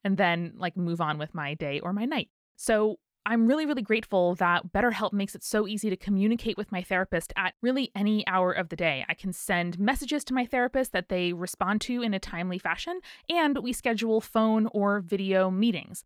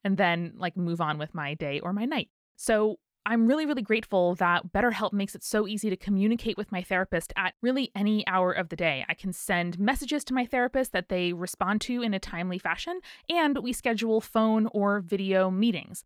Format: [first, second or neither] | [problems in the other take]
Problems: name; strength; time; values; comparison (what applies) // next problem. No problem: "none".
neither | none